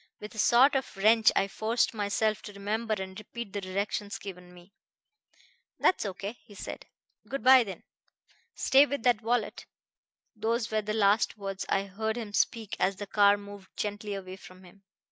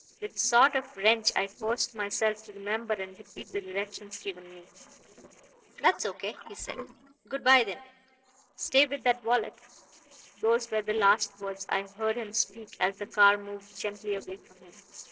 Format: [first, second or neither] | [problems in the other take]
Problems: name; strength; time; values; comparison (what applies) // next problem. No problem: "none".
first | noise reduction (neural separator model SepFormer DNS4)